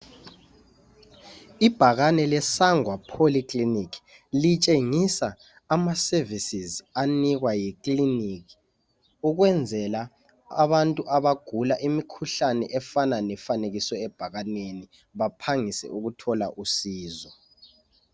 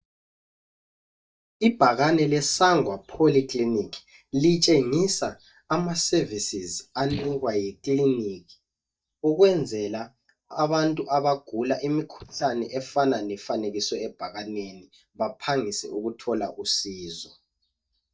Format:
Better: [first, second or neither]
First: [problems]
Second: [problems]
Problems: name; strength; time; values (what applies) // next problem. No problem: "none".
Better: first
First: none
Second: noise reduction (neural mask model DeepFilterNet 3)